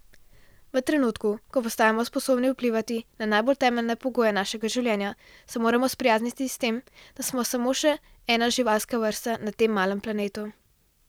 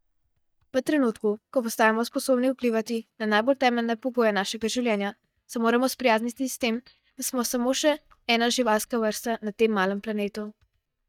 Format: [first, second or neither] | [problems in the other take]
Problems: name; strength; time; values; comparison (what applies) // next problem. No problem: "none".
first | noise reduction (neural mask model DeepFilterNet 3)